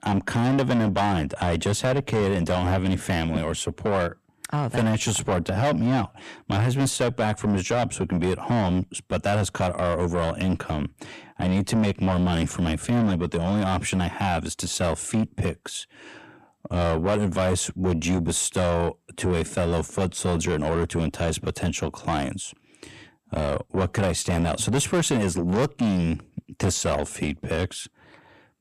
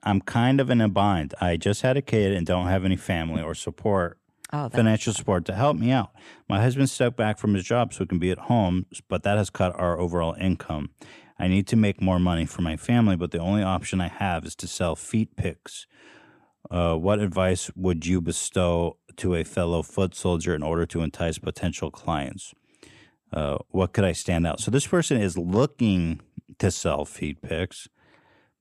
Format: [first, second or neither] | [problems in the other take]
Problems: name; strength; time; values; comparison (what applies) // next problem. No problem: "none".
second | distortion; heavy; 7 dB below the speech